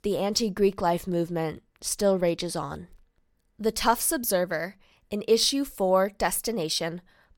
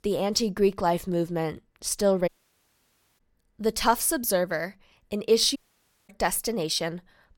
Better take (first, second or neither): first